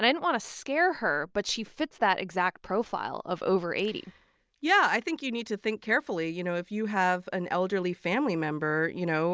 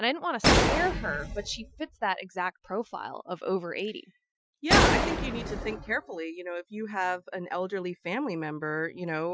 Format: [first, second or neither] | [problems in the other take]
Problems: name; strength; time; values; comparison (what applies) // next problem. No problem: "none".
first | noise reduction (classical method Wiener filter)